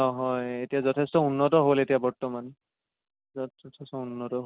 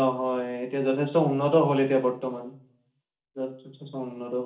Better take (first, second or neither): first